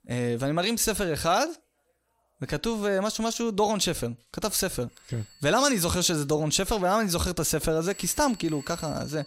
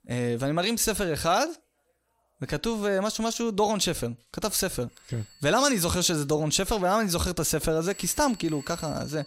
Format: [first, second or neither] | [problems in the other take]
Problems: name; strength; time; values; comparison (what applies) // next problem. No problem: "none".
neither | alarms or sirens; noticeable; throughout; 20 dB below the speech; the same in both